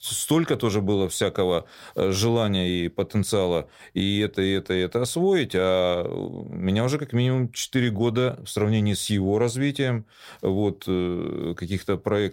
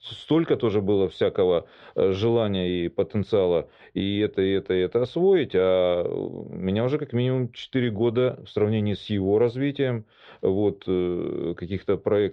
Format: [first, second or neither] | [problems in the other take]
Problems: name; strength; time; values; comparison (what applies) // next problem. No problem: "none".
first | muffled; very; fading above 3.5 kHz